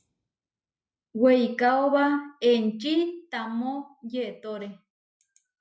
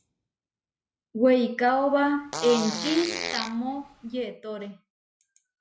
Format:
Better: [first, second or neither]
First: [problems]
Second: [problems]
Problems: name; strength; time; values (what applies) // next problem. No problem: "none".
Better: first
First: none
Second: background sound (Fart); 8 dB below the speech